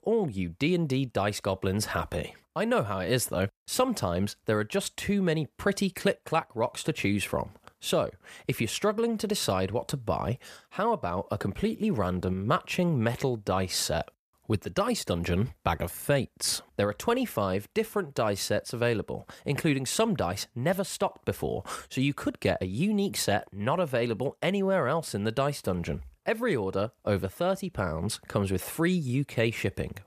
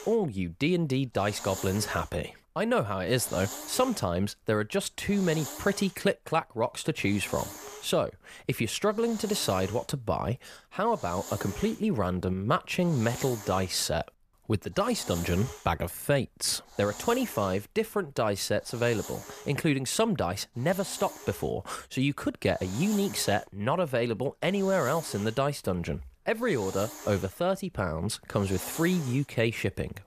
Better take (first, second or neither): first